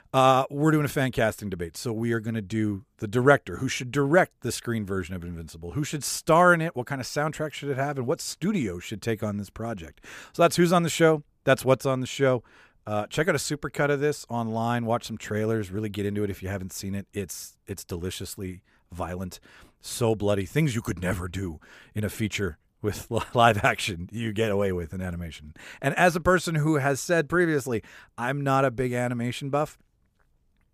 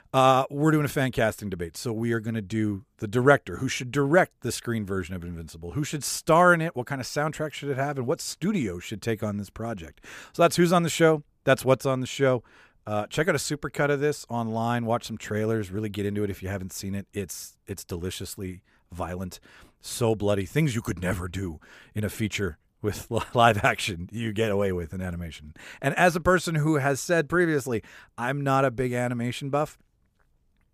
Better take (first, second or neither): neither